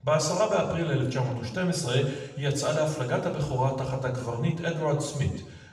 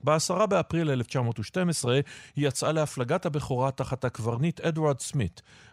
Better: second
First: room echo; noticeable; dies away in 1 s // off-mic speech; far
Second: none

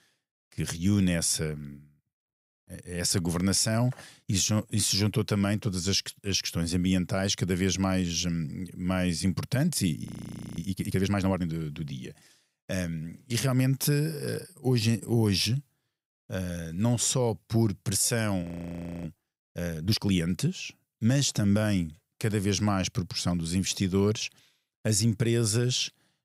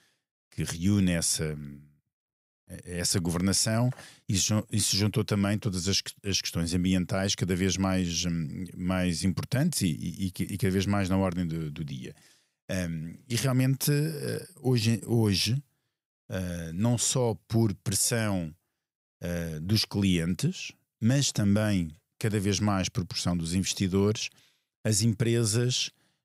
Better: second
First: audio freezing; at 10 s for 0.5 s and at 18 s for 0.5 s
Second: none

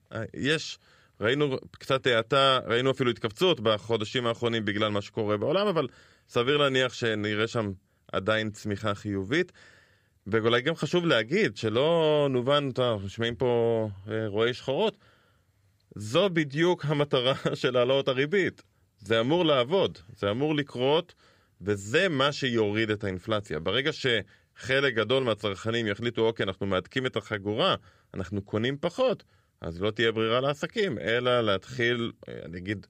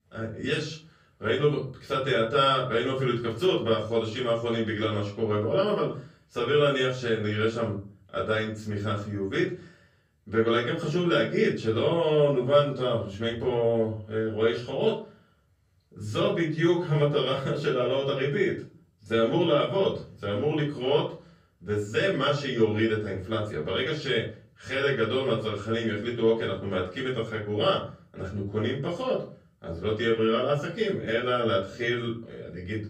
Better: first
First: none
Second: off-mic speech; far // room echo; slight; dies away in 0.4 s

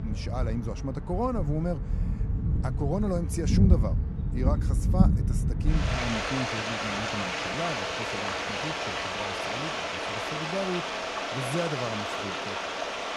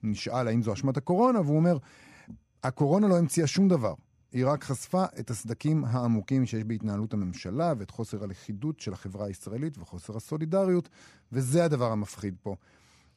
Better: second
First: rain or running water; very loud; throughout; 5 dB above the speech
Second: none

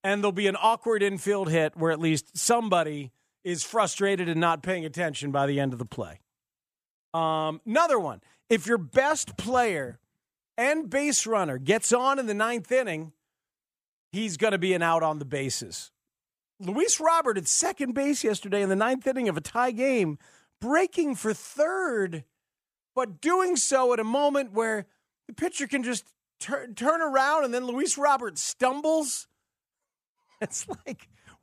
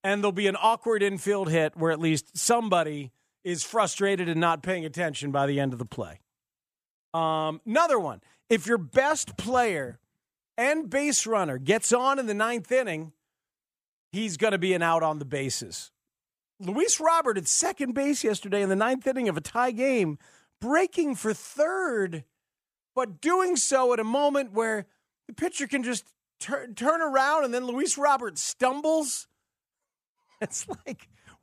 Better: neither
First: none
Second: none

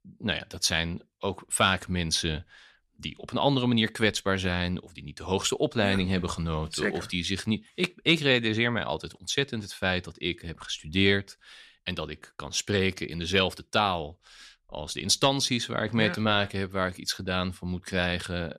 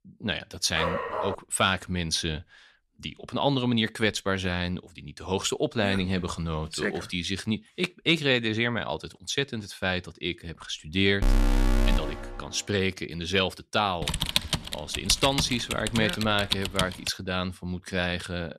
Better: first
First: none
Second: dog barking; noticeable; at 0.5 s; peak 2 dB below the speech // alarm; loud; from 11 to 12 s; peak 2 dB above the speech // keyboard typing; loud; from 14 to 17 s; peak 2 dB above the speech

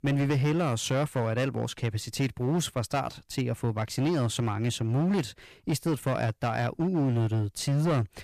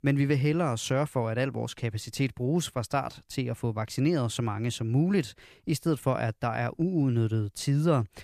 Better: second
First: distortion; slight; 14% of the sound clipped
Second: none

